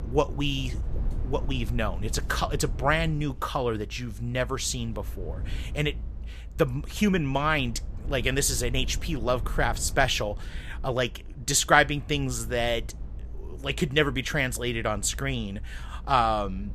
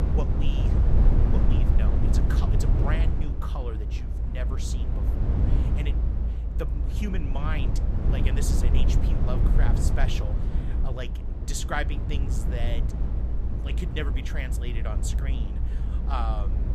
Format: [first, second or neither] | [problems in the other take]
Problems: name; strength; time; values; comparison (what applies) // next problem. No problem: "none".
first | low rumble; loud; throughout; 2 dB below the speech; faint in the first